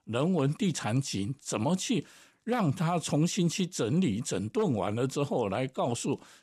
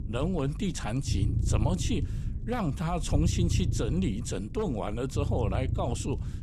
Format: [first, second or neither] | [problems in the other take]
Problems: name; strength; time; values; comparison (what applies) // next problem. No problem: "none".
first | low rumble; noticeable; throughout; 10 dB below the speech